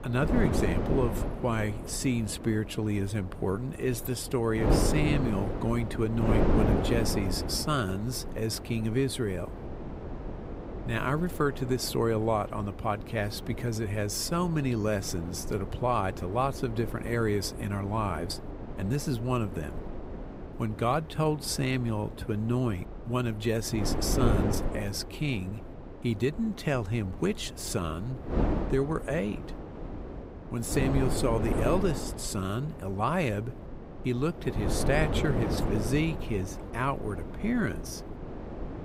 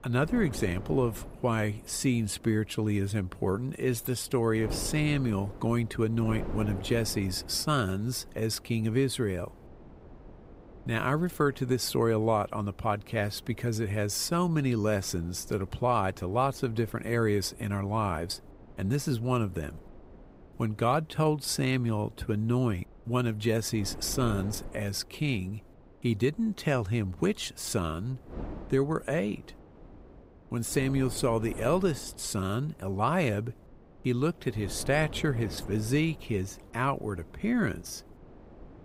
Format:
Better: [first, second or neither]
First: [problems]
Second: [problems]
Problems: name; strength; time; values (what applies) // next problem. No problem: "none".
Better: second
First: wind noise on the microphone; heavy; 6 dB below the speech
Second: wind noise on the microphone; occasional gusts; 20 dB below the speech